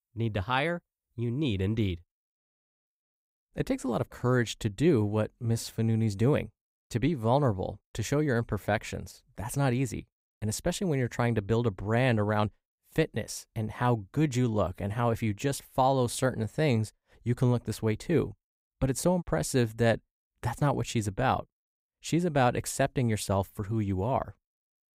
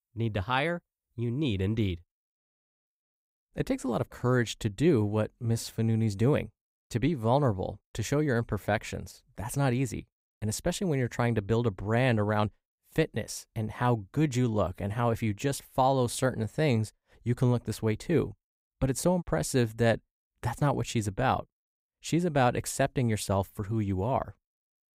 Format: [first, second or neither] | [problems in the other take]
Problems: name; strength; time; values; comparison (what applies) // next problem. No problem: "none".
neither | none